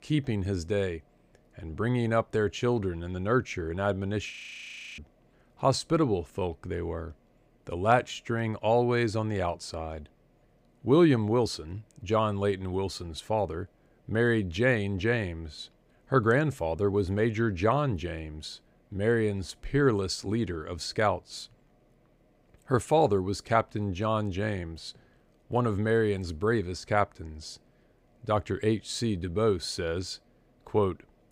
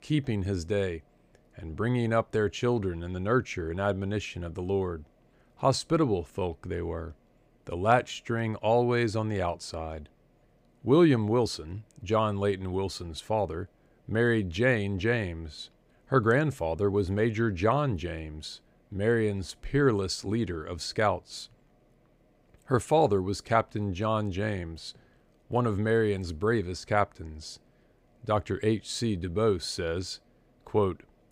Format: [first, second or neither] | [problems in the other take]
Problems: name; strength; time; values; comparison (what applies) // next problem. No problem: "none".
second | audio freezing; at 4.5 s for 0.5 s